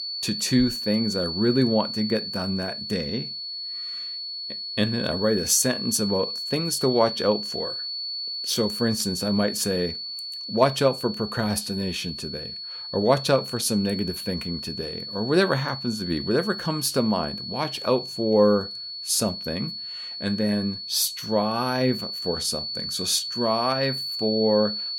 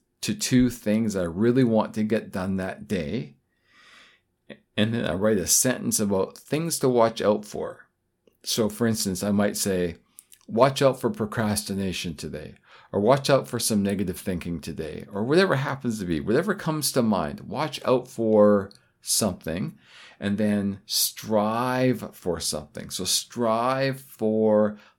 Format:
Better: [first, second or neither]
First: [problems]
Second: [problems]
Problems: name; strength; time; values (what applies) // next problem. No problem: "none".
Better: second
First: high-pitched whine; loud; throughout; 4.5 kHz, 5 dB below the speech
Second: none